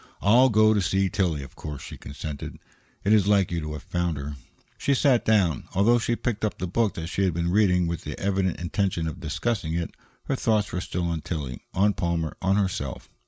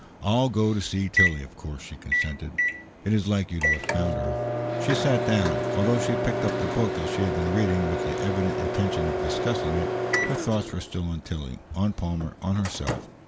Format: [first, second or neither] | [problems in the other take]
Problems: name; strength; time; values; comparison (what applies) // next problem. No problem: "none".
first | background sound (Microwave oven); 1 dB below the speech